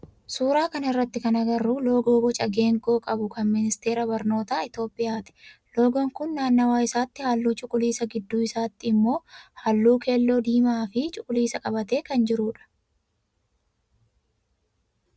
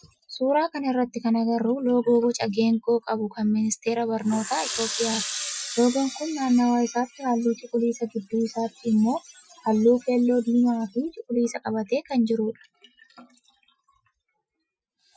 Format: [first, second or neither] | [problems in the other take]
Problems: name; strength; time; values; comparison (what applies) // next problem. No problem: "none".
first | noise reduction (classical method Wiener filter)